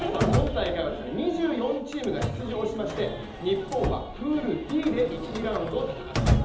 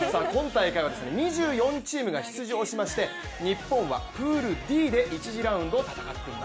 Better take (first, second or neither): second